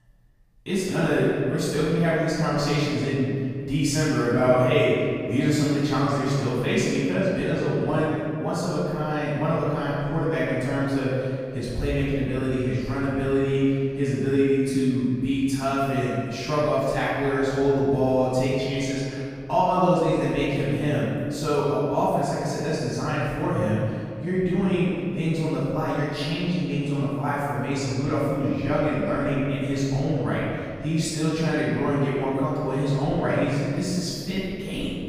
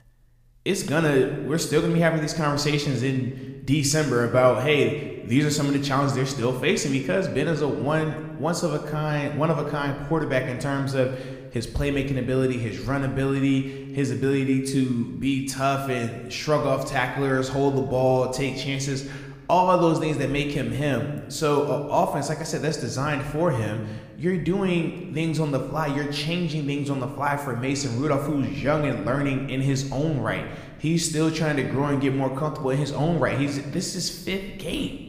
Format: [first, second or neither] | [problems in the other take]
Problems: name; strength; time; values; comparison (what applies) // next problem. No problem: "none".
second | room echo; strong; dies away in 2.3 s; slight in the second // off-mic speech; far